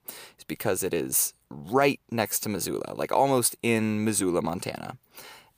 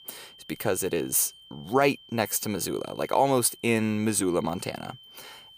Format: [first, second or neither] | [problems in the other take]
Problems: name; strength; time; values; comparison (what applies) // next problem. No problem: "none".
first | high-pitched whine; faint; throughout; 3 kHz, 25 dB below the speech